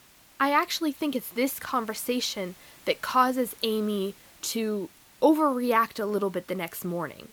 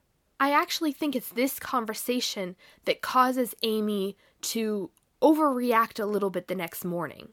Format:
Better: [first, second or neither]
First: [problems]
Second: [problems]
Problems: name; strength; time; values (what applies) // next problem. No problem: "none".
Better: second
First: hiss; faint; throughout; 25 dB below the speech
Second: none